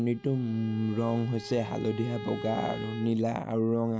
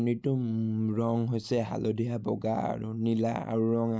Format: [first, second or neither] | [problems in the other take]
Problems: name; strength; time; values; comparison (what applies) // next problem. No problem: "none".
second | background sound (Bowed string instrument); 15 dB below the speech